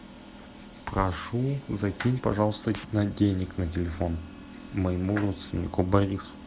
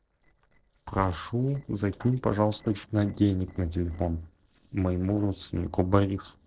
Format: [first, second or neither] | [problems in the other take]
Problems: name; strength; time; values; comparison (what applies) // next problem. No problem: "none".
first | noise reduction (neural separator model SepFormer DNS4)